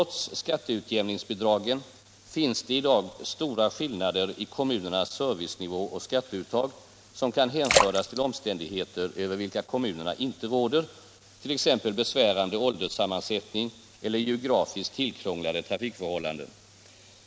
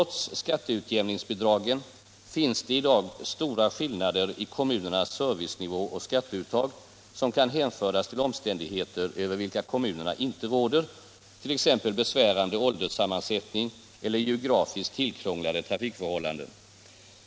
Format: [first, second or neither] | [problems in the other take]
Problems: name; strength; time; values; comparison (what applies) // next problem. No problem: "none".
second | background sound (Splash, splatter); 1 dB below the speech